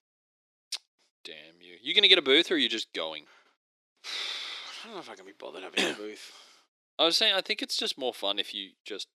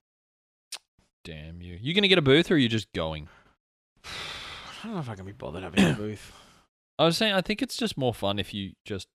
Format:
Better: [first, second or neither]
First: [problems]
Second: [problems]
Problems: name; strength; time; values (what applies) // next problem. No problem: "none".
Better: second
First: thin; somewhat; fading below 300 Hz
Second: none